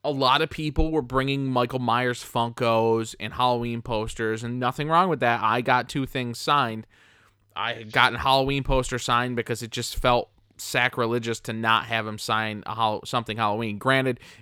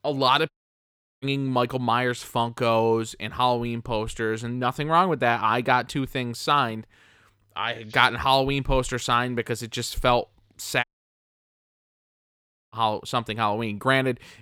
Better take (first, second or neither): first